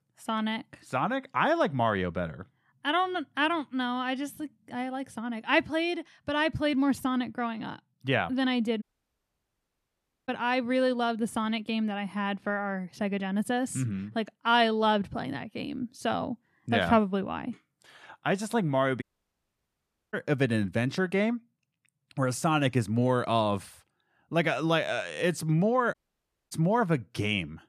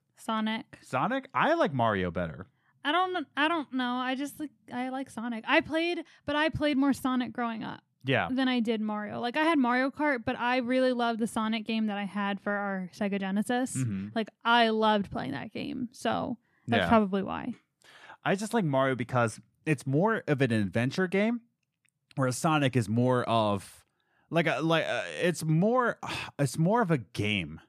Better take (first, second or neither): second